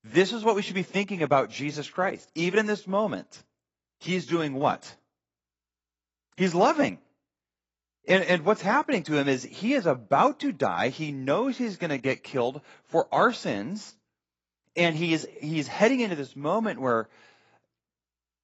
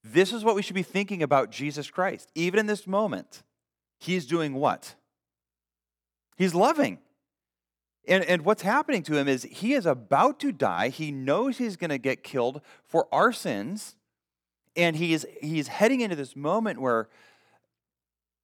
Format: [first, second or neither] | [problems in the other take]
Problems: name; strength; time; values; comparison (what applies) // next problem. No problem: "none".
second | garbled, watery; badly; nothing above 7.5 kHz